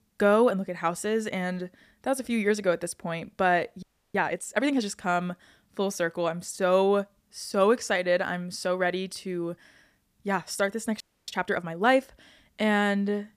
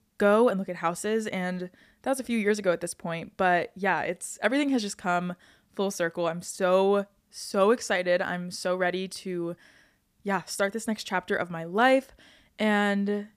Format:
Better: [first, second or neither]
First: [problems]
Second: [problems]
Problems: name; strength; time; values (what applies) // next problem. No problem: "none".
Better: second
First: audio freezing; at 4 s and at 11 s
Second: none